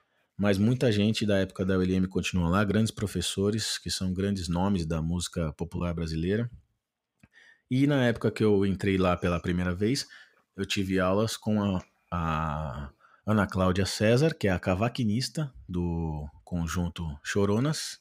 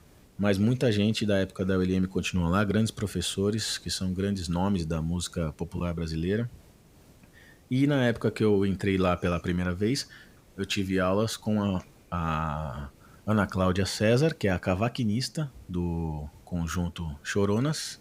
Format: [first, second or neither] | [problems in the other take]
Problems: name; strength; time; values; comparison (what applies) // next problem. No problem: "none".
first | hiss; faint; throughout; 30 dB below the speech